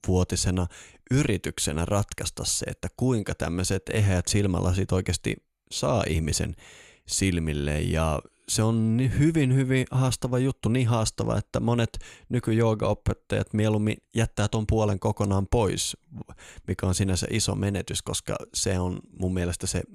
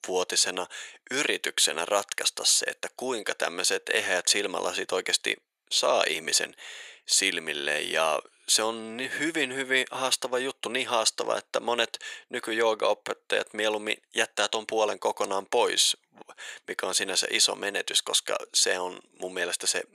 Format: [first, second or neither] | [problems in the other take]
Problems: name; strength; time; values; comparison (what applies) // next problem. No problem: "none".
first | thin; very; fading below 450 Hz